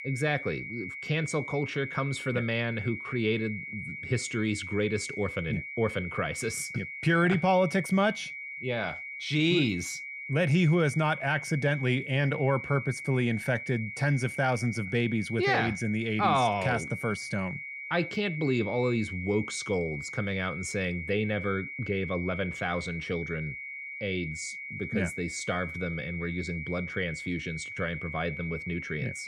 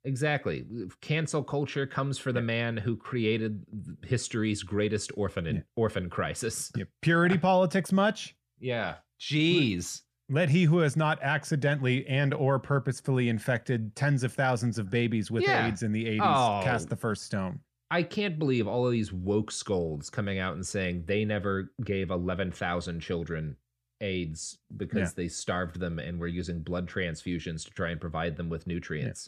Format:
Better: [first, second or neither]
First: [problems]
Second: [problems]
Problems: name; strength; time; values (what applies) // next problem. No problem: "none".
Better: second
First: high-pitched whine; loud; throughout; 2 kHz, 8 dB below the speech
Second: none